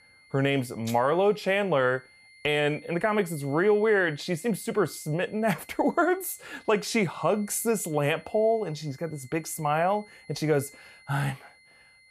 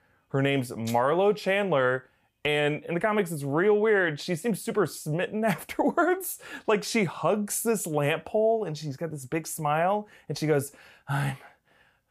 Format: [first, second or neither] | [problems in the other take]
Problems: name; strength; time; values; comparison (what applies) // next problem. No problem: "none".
second | high-pitched whine; faint; throughout; 2 kHz, 25 dB below the speech